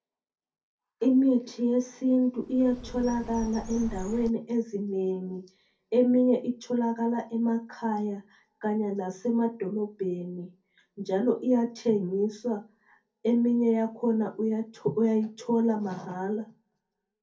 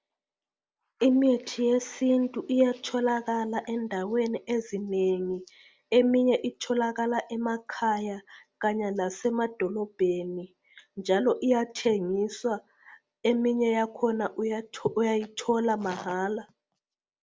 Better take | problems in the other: second | background sound (Bird); 13 dB below the speech // room echo; dies away in 0.3 s

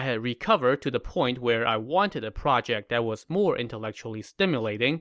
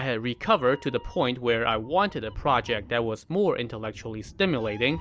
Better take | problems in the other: first | background sound (Meow); 20 dB below the speech

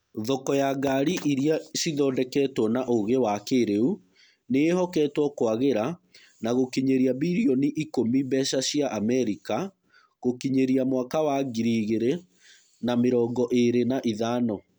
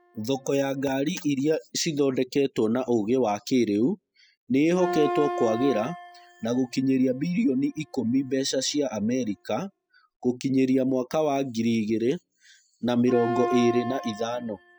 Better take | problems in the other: first | noise reduction (classical method spectral subtraction)

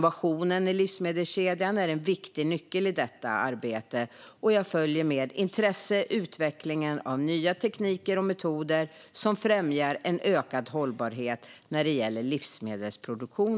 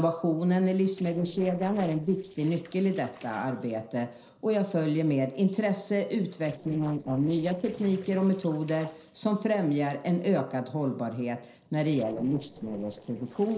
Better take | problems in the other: first | noise reduction (neural separator model SepFormer DNS4)

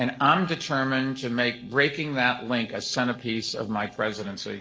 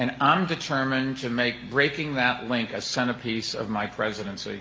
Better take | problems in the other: second | noise reduction (neural separator model SepFormer DNS4)

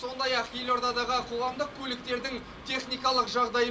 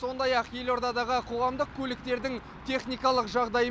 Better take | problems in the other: second | background sound (Waves, surf); 19 dB below the speech // room echo; dies away in 0.2 s

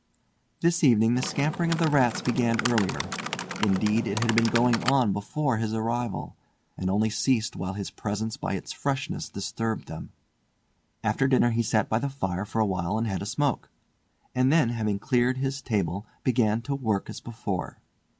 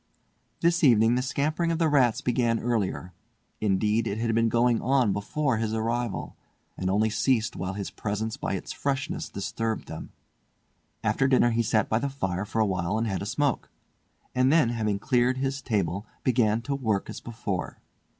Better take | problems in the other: second | background sound (Typing); 6 dB below the speech

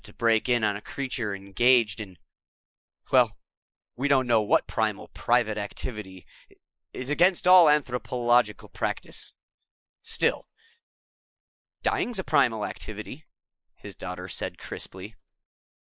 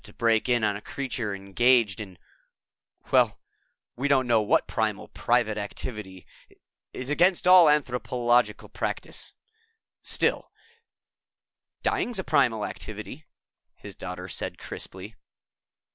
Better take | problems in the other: second | noise reduction (neural mask model Resemble Enhance denoiser)

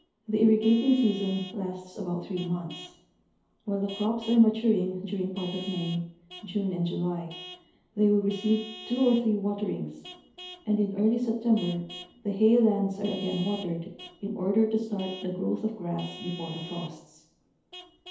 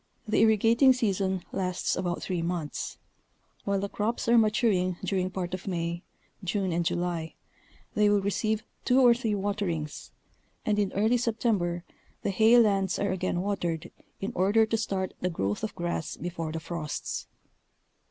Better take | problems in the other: second | background sound (Vehicle horn, car horn, honking / Truck); 18 dB below the speech // room echo; dies away in 2.2 s

